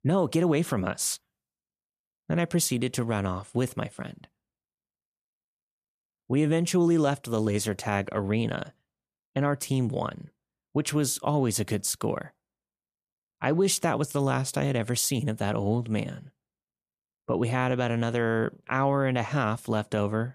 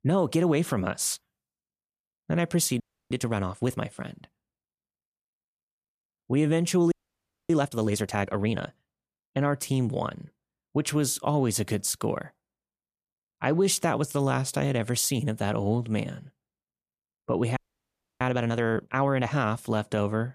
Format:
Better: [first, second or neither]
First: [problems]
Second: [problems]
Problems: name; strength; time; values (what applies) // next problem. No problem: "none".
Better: first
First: none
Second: audio freezing; at 3 s, at 7 s for 0.5 s and at 18 s for 0.5 s